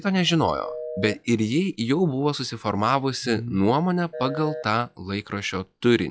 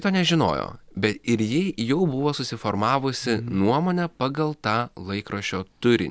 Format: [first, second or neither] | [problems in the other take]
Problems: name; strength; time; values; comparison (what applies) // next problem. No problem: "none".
second | noise reduction (classical method log-MMSE)